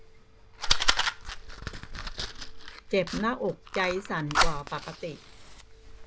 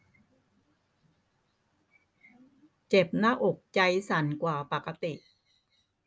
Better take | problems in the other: second | background sound (Fire); 4 dB above the speech

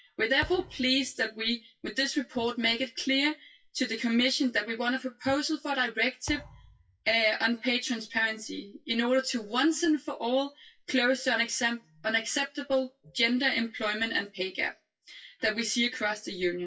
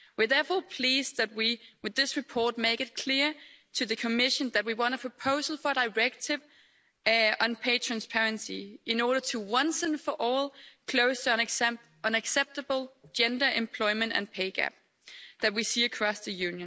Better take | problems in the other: second | noise reduction (classical method WPE with log-MMSE)

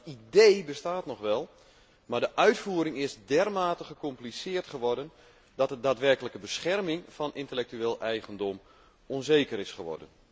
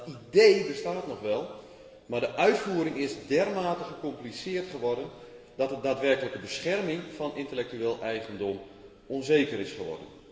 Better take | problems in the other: first | room echo; dies away in 2.7 s

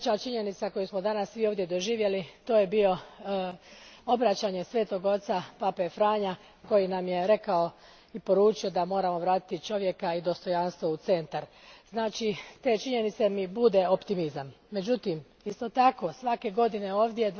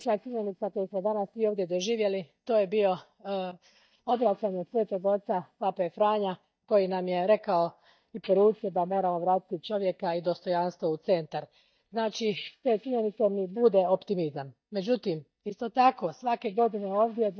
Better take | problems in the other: first | noise reduction (neural mask model DeepFilterNet 3)

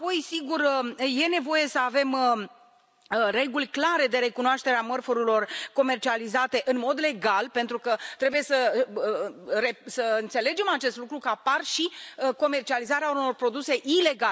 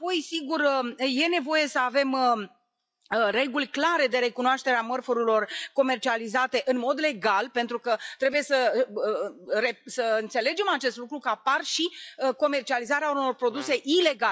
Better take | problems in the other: first | noise reduction (classical method log-MMSE)

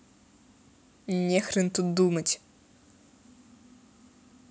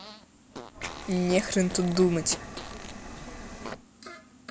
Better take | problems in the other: first | background sound (Liquid + Fart); 11 dB below the speech

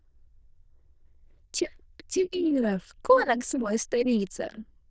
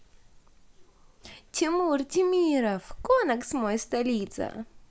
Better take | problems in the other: second | noise reduction (neural diffusion model UNIVERSE++)

